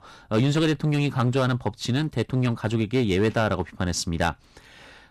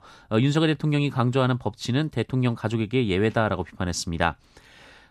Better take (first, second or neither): second